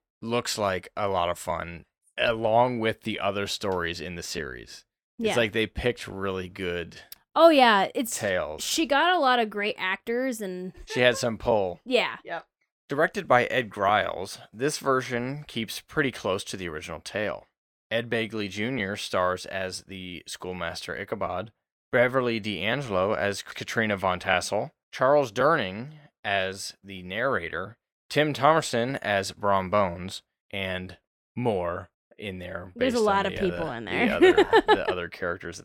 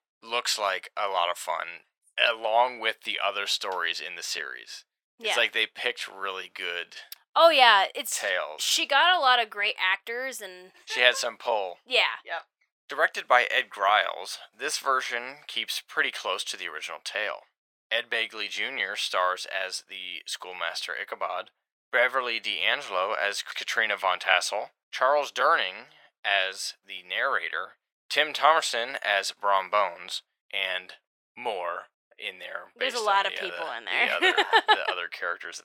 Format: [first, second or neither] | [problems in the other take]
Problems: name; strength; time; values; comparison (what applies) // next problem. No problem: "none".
first | thin; very; fading below 850 Hz